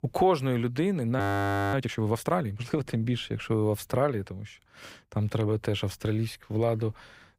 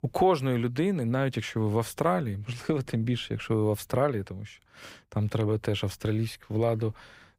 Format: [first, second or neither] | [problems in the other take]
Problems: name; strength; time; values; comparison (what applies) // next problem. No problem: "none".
second | audio freezing; at 1 s for 0.5 s